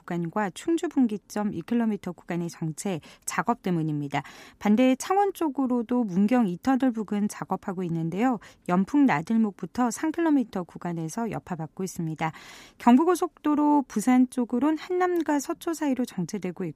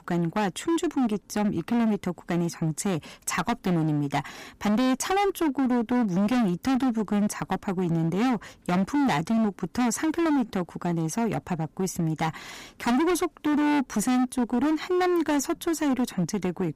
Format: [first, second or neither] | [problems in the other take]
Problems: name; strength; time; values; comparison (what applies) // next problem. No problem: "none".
first | distortion; heavy; 22% of the sound clipped